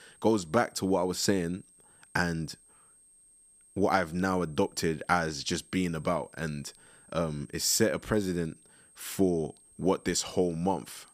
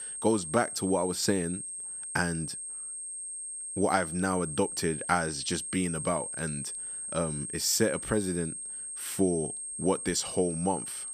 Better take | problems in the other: first | high-pitched whine; loud; throughout; 8.5 kHz, 5 dB below the speech; faint in the first

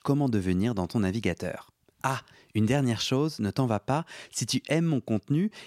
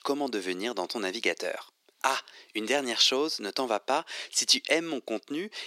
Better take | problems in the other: first | thin; somewhat; fading below 350 Hz

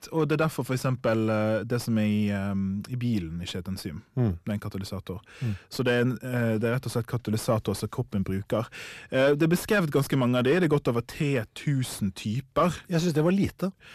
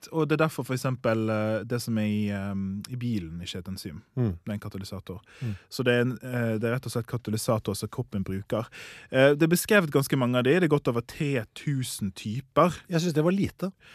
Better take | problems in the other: second | distortion; slight; 10 dB below the speech

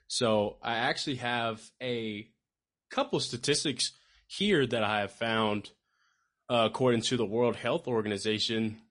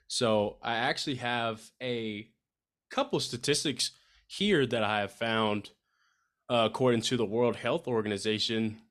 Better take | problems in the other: second | garbled, watery; slightly; nothing above 10 kHz

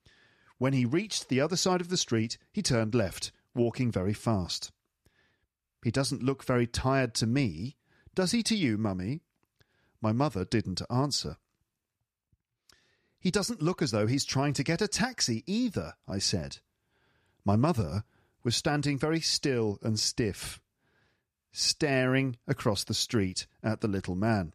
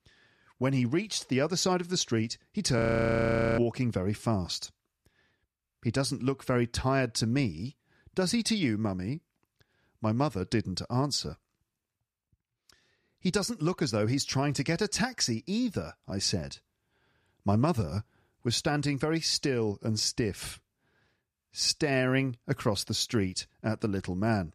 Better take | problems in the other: first | audio freezing; at 3 s for 1 s

